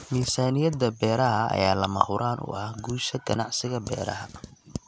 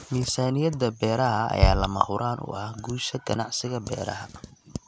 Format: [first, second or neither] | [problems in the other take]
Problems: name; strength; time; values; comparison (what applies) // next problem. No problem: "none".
first | background sound (Bass drum); 1 dB below the speech